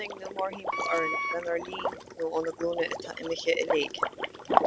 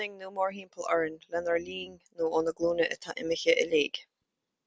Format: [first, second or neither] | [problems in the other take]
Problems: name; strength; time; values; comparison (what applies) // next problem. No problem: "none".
second | background sound (Wind instrument, woodwind instrument + Liquid); as loud as the speech